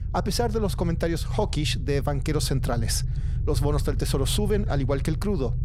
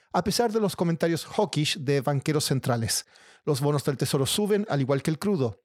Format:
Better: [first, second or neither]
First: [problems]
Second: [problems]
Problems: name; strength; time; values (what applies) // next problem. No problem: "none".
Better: second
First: low rumble; noticeable; throughout; 15 dB below the speech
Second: none